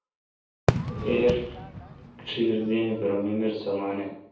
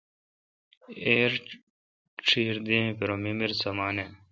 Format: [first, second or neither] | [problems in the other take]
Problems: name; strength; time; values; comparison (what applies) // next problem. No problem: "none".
second | background sound (Fireworks); 5 dB below the speech // room echo; dies away in 0.7 s